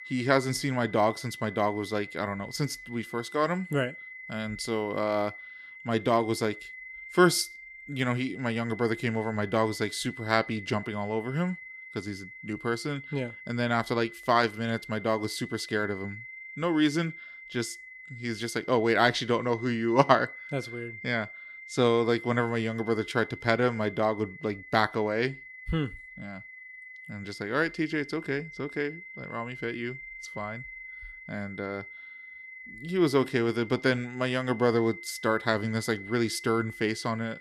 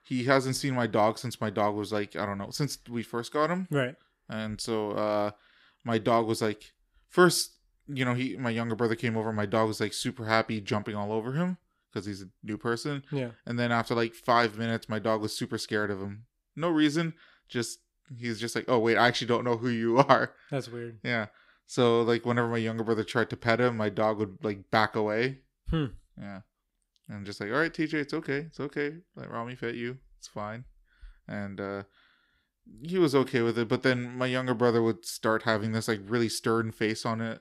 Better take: second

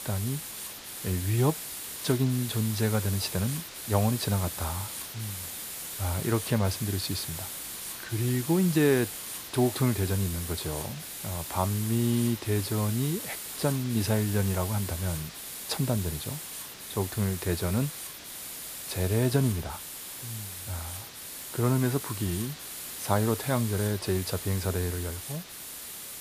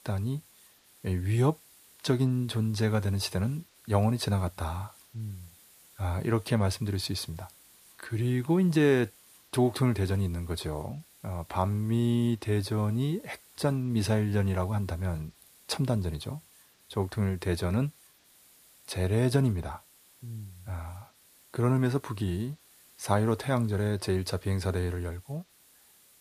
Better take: second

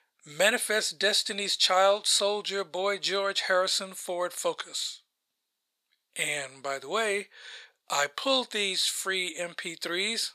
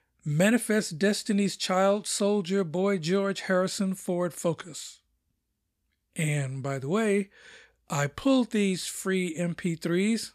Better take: second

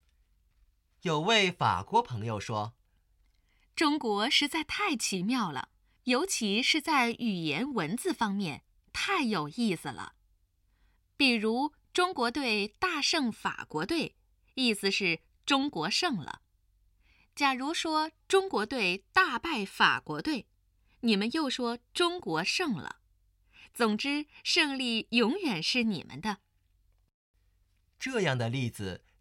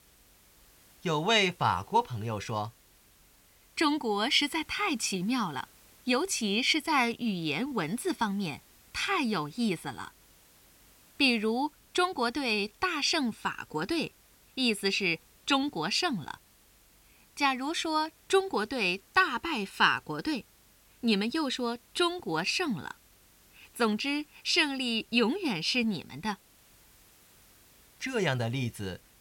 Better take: first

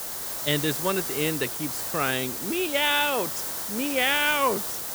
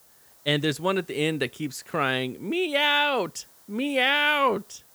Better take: second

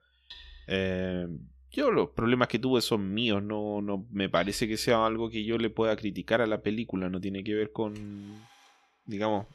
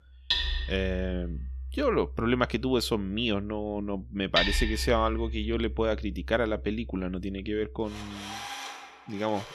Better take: first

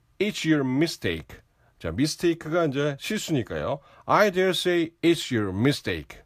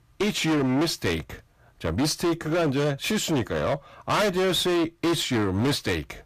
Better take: first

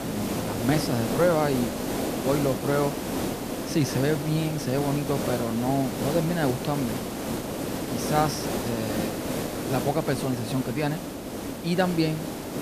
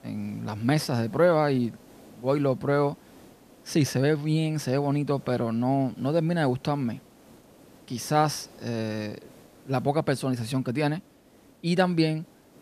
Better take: second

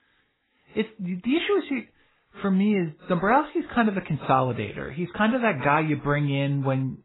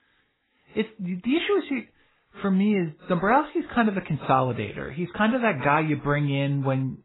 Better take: neither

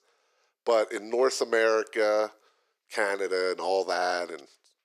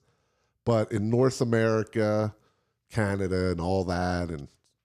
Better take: second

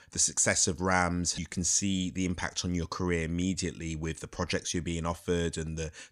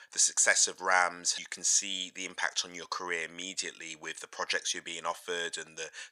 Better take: first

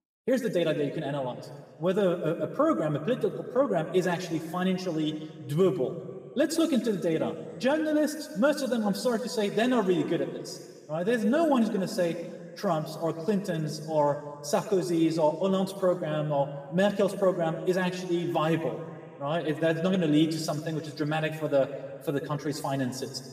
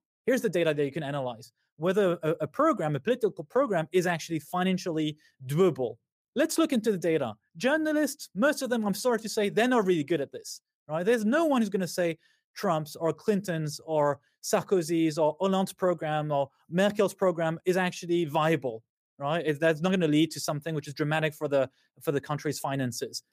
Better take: second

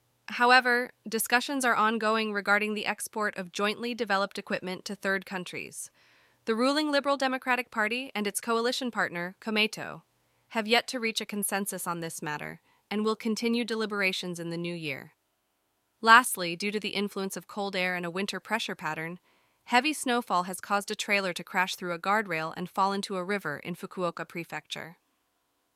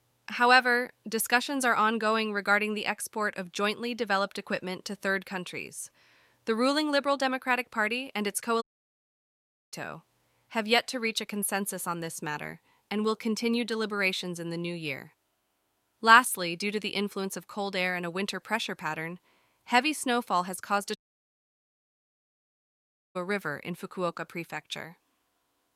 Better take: first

